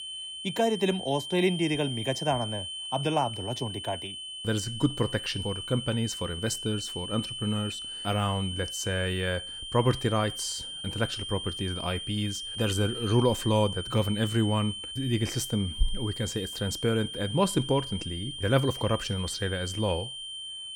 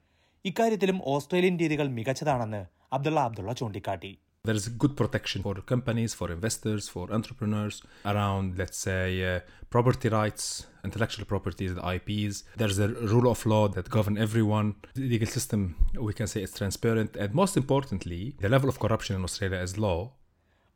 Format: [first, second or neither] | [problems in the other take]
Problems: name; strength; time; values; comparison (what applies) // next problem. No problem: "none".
second | high-pitched whine; loud; throughout; 3 kHz, 6 dB below the speech